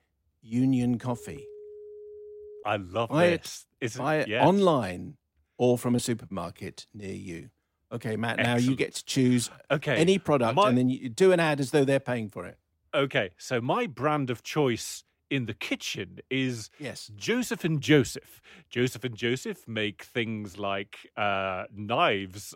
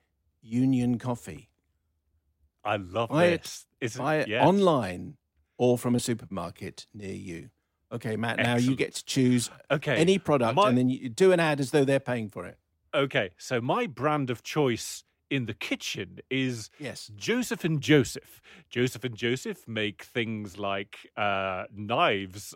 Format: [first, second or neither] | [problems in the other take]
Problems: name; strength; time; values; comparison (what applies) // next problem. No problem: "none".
second | phone ringing; faint; from 1 to 2.5 s; peak 20 dB below the speech